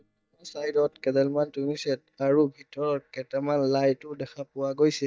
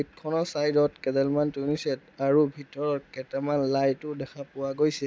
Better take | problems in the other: second | noise reduction (neural mask model DeepFilterNet 3)

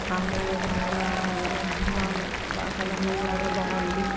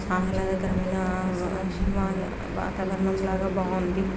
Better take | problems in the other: second | background sound (Applause); 3 dB below the speech

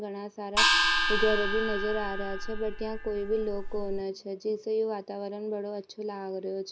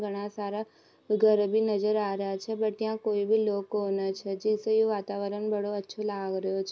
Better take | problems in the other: second | background sound (Gong); 3 dB above the speech

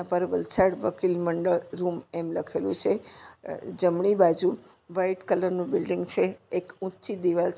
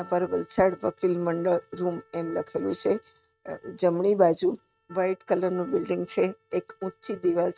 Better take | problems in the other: first | noise reduction (neural mask model RNNoise)

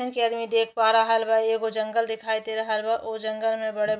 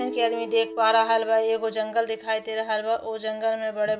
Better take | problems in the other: first | background sound (Guitar); 14 dB below the speech

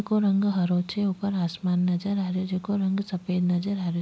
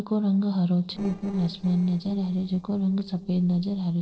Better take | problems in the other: first | noise reduction (neural separator model SepFormer DNS4)

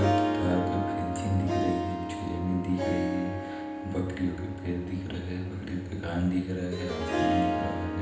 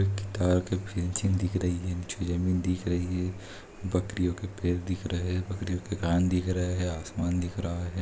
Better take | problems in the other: second | background sound (Harp); 1 dB below the speech // room echo; dies away in 0.9 s

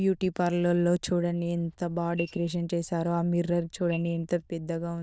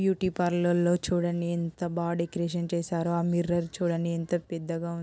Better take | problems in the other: second | noise reduction (neural diffusion model UNIVERSE++)

